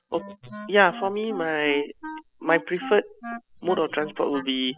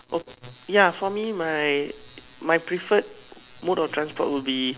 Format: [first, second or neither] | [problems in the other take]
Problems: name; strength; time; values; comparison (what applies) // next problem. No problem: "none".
second | noise reduction (classical method spectral subtraction)